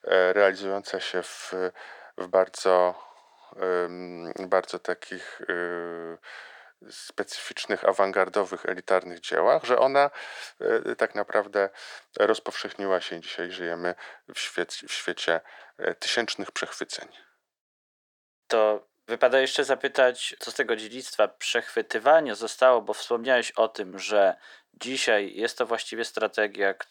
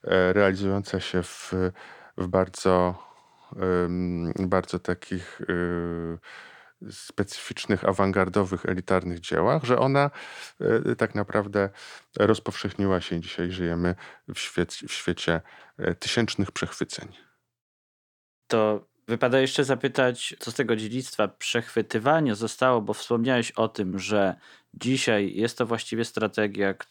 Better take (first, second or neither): second